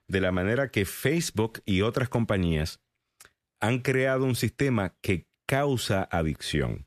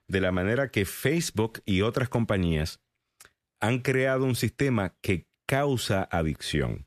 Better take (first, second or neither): neither